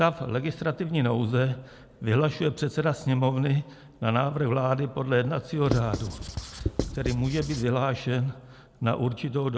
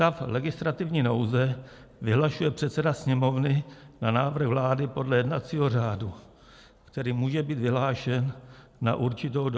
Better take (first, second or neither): second